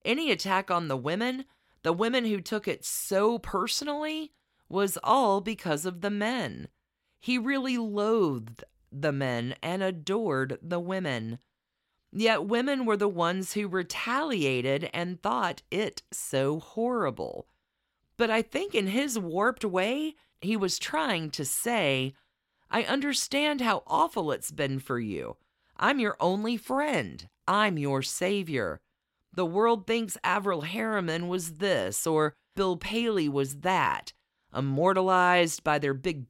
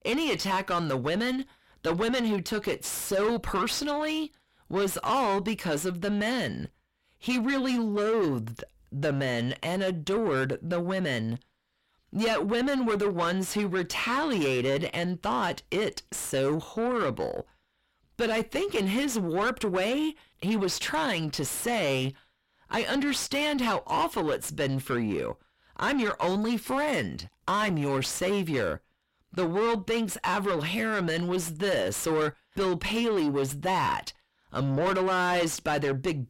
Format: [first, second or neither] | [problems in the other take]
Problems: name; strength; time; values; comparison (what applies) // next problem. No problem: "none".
first | distortion; heavy; 5 dB below the speech